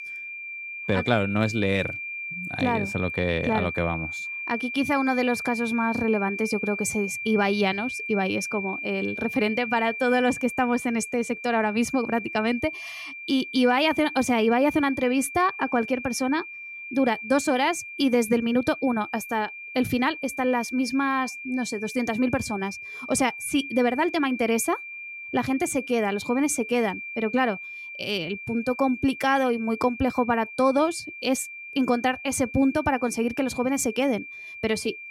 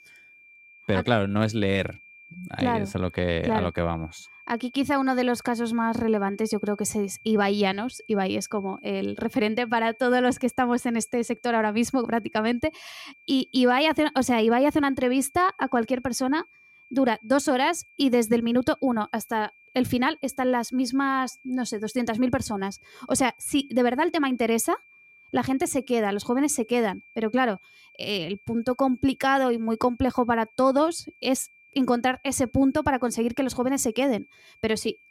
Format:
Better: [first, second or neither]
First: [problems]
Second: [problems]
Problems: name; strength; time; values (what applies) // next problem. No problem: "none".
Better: second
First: high-pitched whine; loud; throughout; 2.5 kHz, 9 dB below the speech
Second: high-pitched whine; faint; throughout; 2.5 kHz, 25 dB below the speech